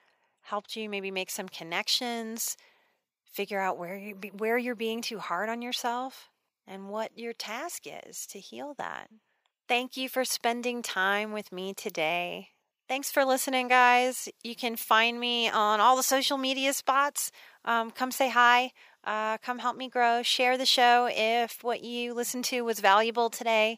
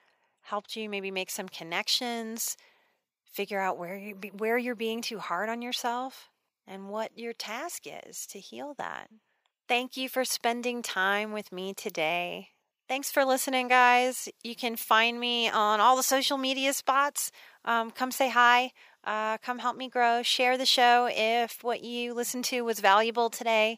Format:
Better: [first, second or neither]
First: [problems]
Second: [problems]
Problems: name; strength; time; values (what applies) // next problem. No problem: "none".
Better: neither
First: thin; somewhat; fading below 450 Hz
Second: thin; somewhat; fading below 450 Hz